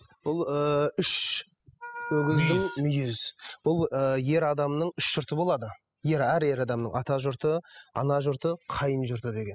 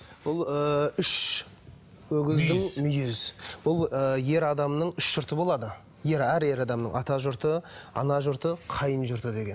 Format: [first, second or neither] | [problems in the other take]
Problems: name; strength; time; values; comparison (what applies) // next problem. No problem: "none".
second | noise reduction (classical method spectral subtraction)